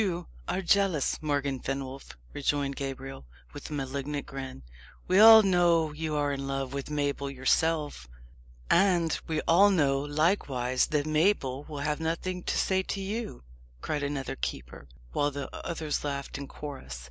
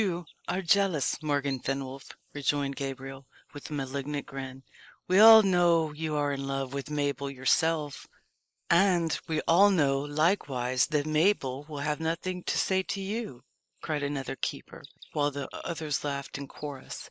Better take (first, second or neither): first